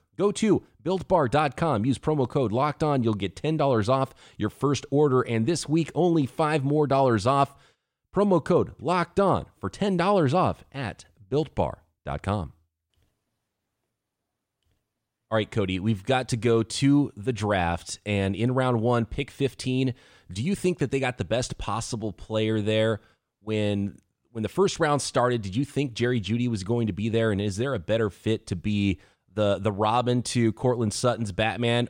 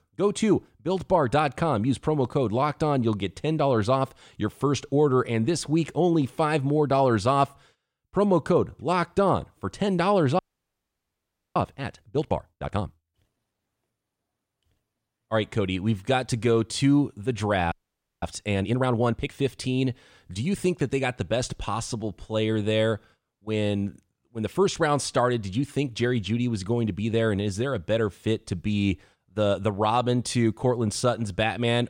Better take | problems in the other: first | audio freezing; at 10 s for 1 s and at 18 s for 0.5 s

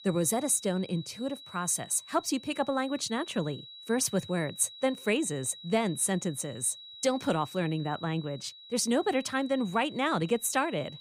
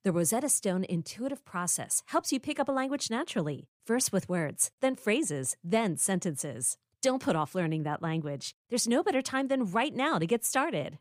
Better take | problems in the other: second | high-pitched whine; noticeable; throughout; 4 kHz, 15 dB below the speech

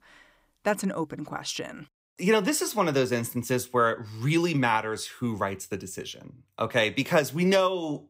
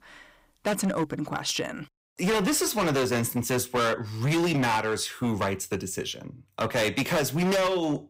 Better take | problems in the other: first | distortion; heavy; 18% of the sound clipped

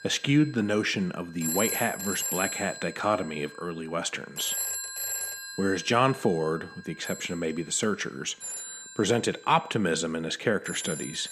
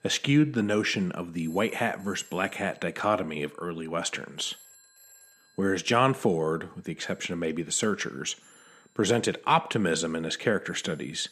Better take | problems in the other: second | alarms or sirens; loud; throughout; 5 dB below the speech; faint in the second

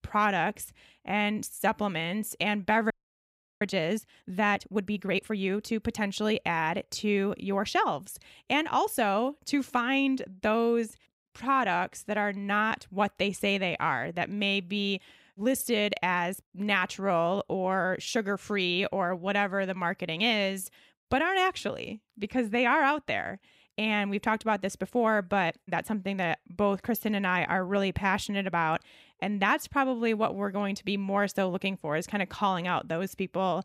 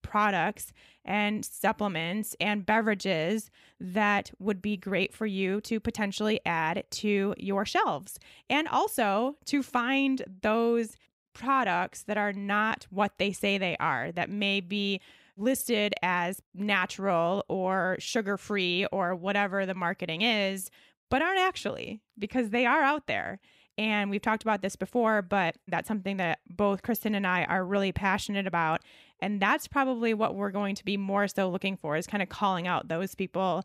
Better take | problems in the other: second | audio freezing; at 3 s for 0.5 s

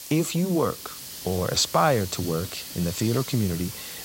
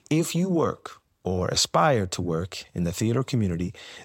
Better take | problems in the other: second | hiss; noticeable; throughout; 10 dB below the speech

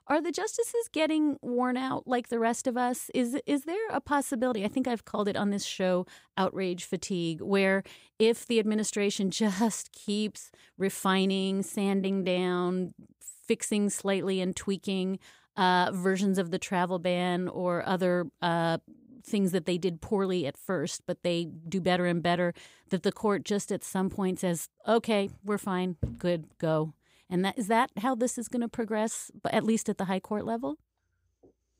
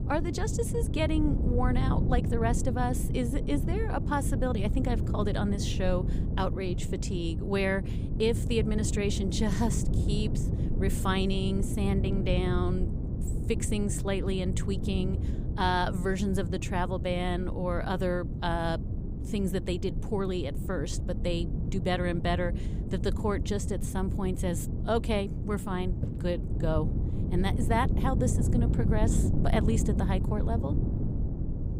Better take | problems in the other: first | wind noise on the microphone; heavy; 9 dB below the speech

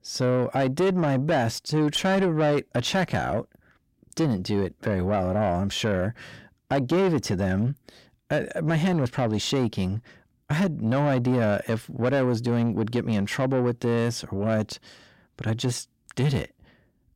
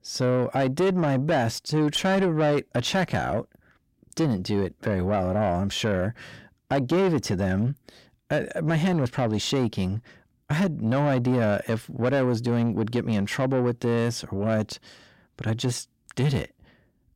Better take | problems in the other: neither | distortion; slight; 10 dB below the speech; the same in both

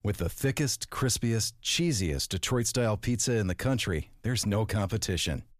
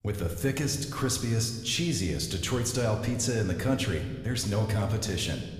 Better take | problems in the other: first | room echo; slight; dies away in 1.2 s

